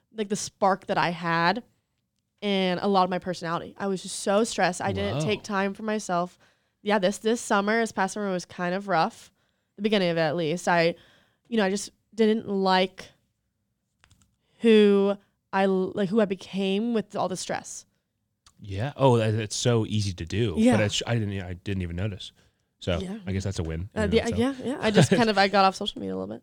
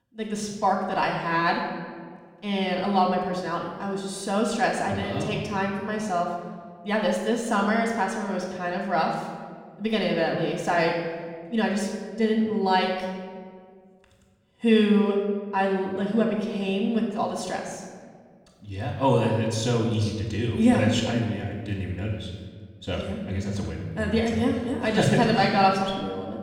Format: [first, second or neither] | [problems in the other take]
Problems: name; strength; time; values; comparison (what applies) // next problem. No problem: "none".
first | off-mic speech; somewhat distant // room echo; noticeable; dies away in 1.3 s